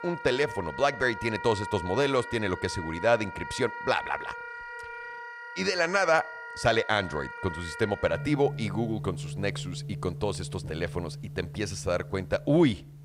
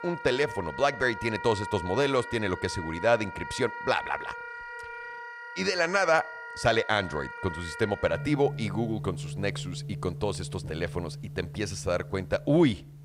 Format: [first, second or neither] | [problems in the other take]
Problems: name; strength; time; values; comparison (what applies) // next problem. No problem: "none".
neither | background music; noticeable; throughout; 10 dB below the speech; the same in both